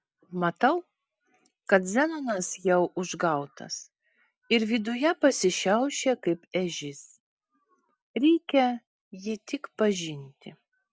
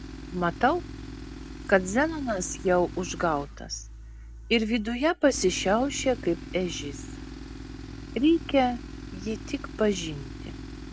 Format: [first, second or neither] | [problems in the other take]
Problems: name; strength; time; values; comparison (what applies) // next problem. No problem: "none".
first | background sound (Tools); 11 dB below the speech